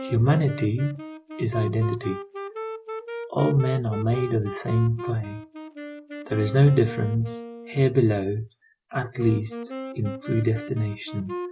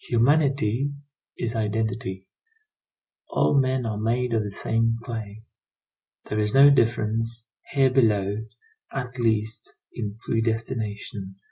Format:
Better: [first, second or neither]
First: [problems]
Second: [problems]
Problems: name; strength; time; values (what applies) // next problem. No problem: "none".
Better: second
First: background sound (Wind instrument, woodwind instrument); 11 dB below the speech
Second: none